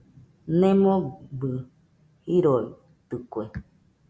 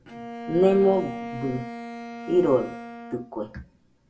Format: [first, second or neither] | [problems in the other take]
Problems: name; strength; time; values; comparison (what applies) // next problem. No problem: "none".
first | background sound (Bowed string instrument); 11 dB below the speech // room echo; dies away in 0.2 s